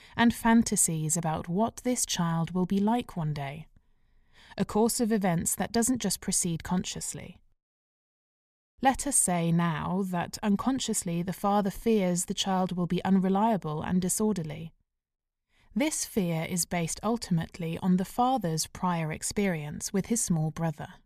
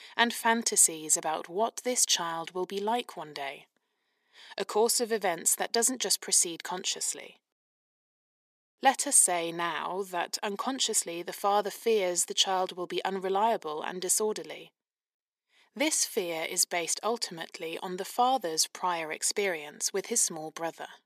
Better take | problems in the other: first | thin; very; fading below 350 Hz

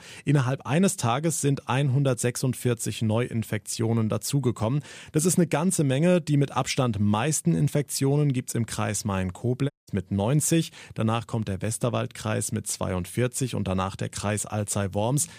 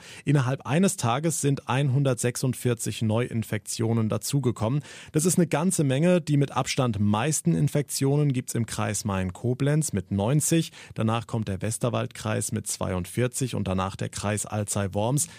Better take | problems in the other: second | audio cutting out; at 9.5 s

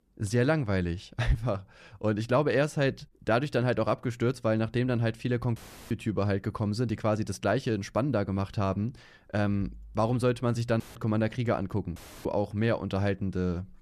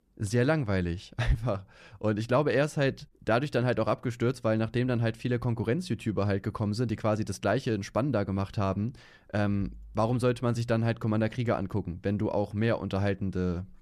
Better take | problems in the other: second | audio cutting out; filled with static; at 5.5 s, at 11 s and at 12 s

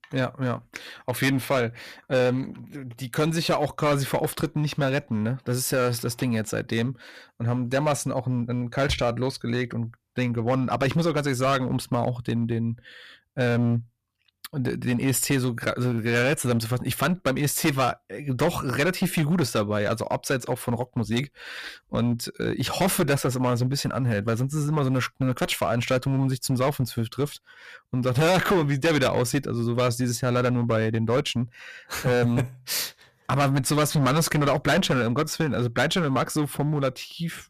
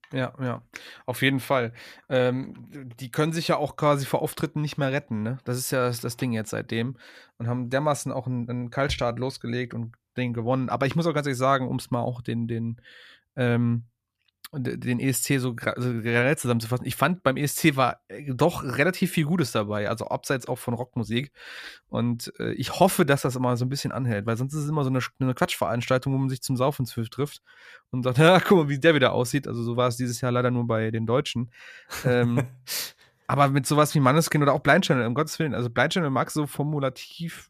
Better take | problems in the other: second | distortion; heavy; 10% of the sound clipped

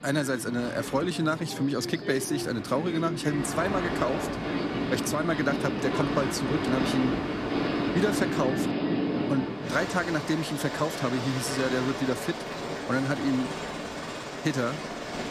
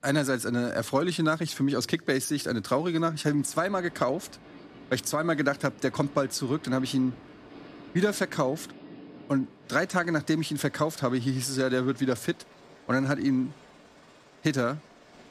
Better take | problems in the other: second | train or aircraft noise; loud; throughout; 2 dB below the speech; faint in the second

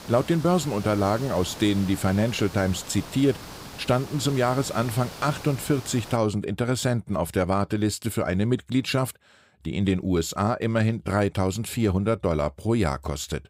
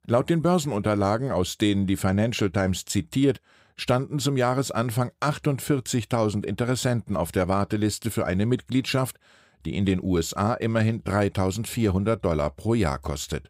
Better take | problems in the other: second | hiss; noticeable; until 6 s; 15 dB below the speech

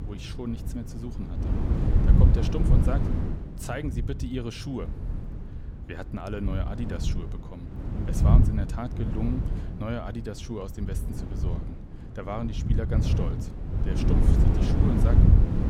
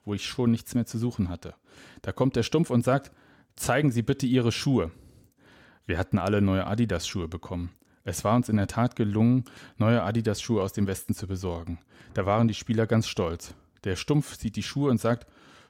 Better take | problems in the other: second | wind noise on the microphone; heavy; as loud as the speech

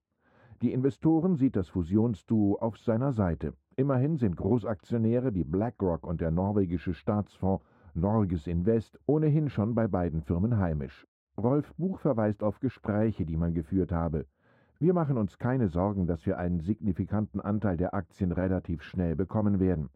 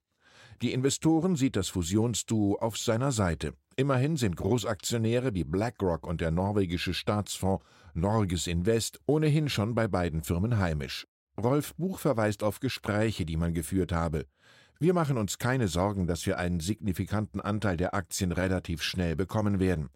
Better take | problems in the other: second | muffled; very; fading above 2.5 kHz

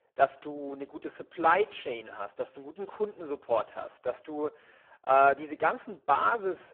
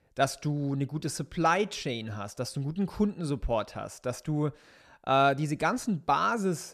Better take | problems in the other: second | phone-call audio; poor line

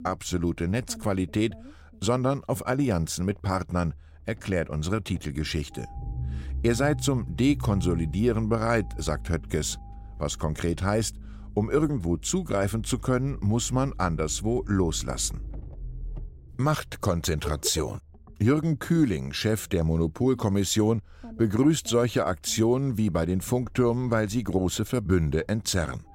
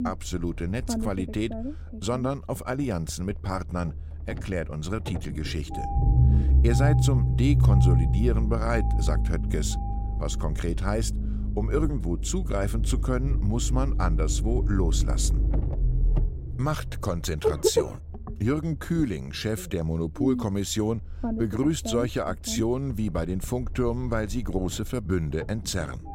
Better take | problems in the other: first | low rumble; loud; throughout; 5 dB below the speech; faint in the first

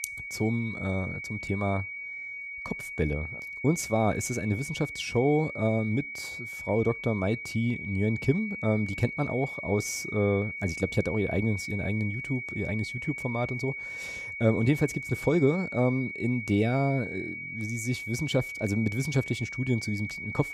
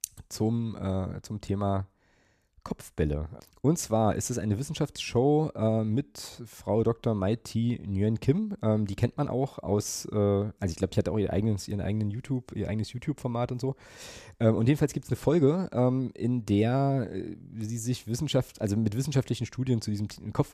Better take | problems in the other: second | high-pitched whine; loud; throughout; 2 kHz, 7 dB below the speech

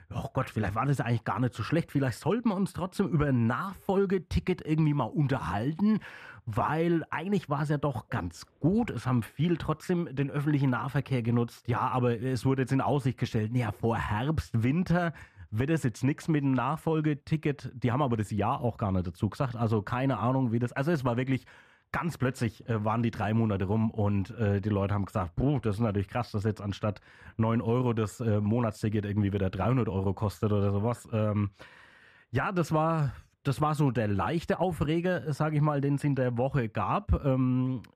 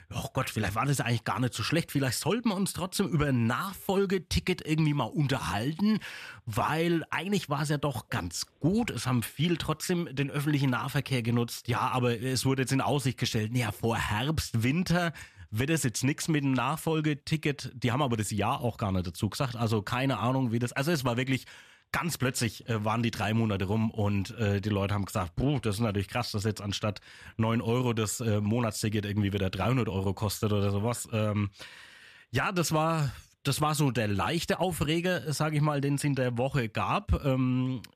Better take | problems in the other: second | muffled; slightly; fading above 2.5 kHz

